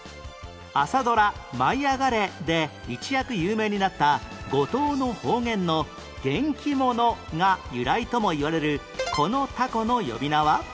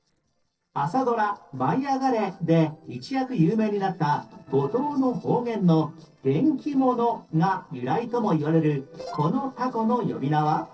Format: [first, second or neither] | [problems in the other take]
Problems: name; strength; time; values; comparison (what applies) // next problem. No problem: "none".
first | noise reduction (neural separator model SepFormer DNS4)